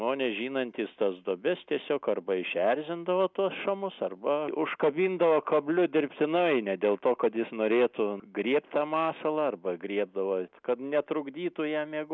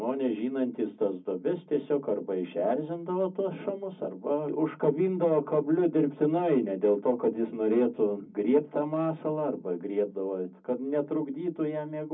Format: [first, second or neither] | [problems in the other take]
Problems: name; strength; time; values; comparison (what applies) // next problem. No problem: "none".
first | room echo; dies away in 0.4 s